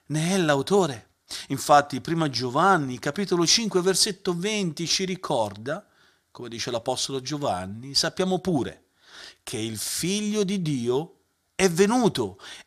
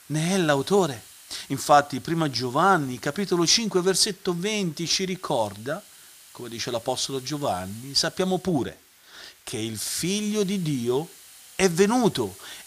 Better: first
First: none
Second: hiss; faint; throughout; 20 dB below the speech

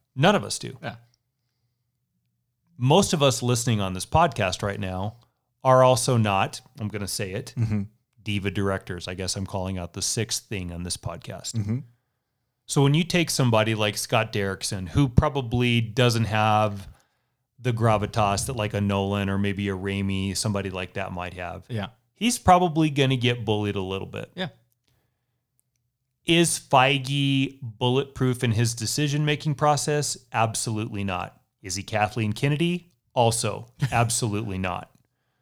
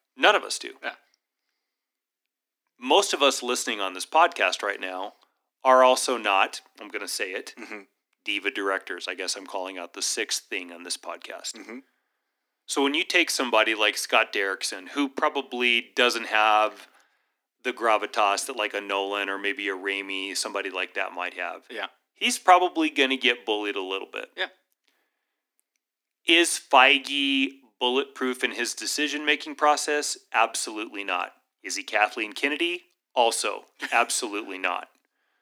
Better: first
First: none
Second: thin; somewhat; fading below 250 Hz

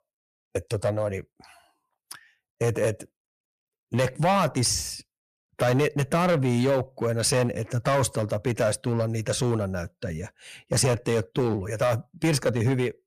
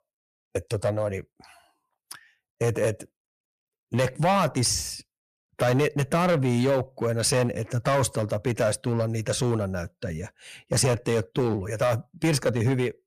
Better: neither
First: distortion; slight; 7% of the sound clipped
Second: distortion; slight; 7% of the sound clipped

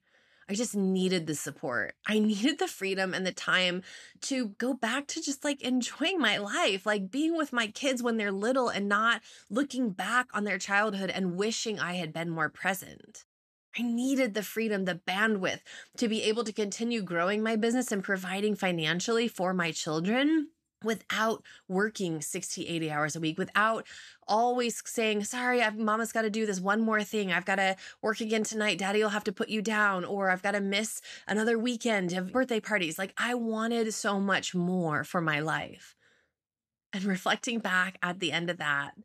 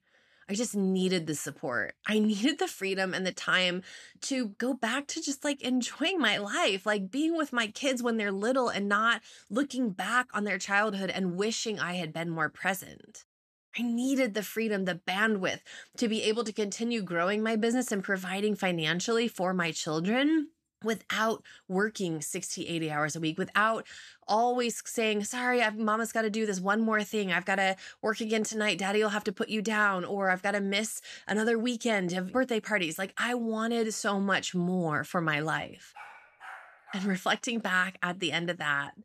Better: first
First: none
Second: dog barking; faint; from 36 to 37 s; peak 15 dB below the speech

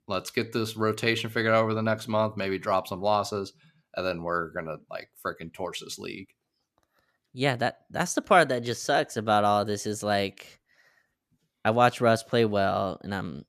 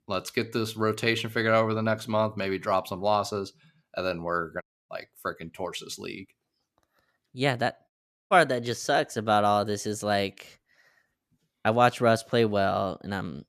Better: first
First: none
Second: audio cutting out; at 4.5 s and at 8 s

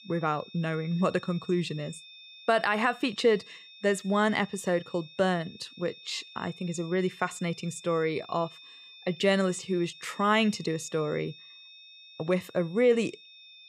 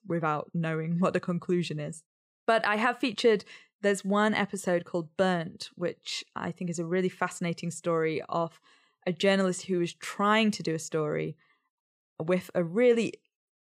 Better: second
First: high-pitched whine; noticeable; throughout; 3.5 kHz, 20 dB below the speech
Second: none

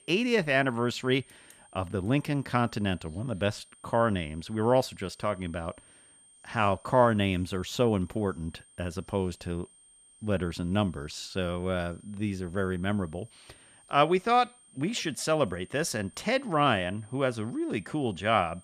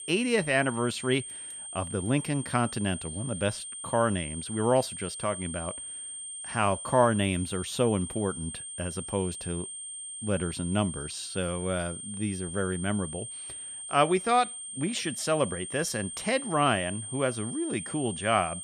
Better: first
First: high-pitched whine; faint; throughout; 8.5 kHz, 25 dB below the speech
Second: high-pitched whine; loud; throughout; 8.5 kHz, 8 dB below the speech

